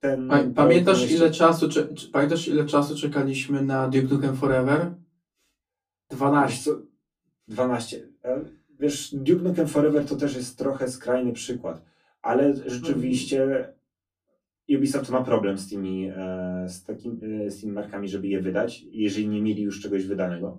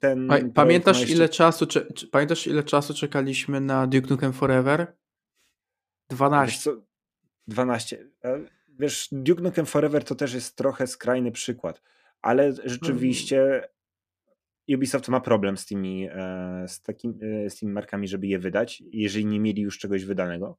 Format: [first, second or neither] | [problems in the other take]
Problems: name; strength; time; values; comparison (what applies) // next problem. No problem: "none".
second | off-mic speech; far // room echo; very slight; dies away in 0.2 s